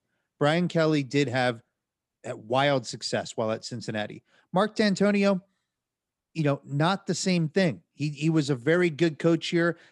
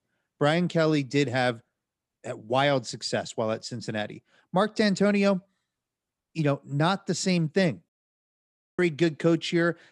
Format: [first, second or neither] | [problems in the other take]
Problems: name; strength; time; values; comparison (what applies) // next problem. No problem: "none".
first | audio cutting out; at 8 s for 1 s